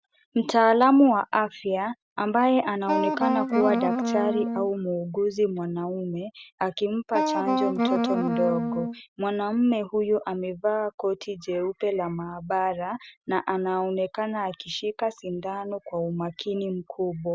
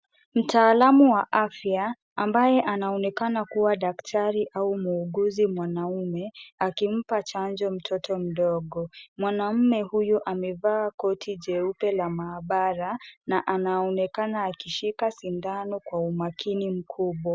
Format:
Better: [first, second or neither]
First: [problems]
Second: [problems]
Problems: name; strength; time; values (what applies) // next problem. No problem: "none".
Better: second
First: background sound (Wind instrument, woodwind instrument); as loud as the speech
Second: none